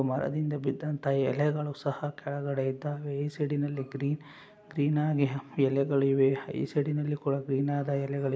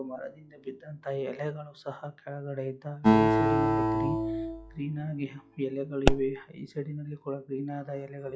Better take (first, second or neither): first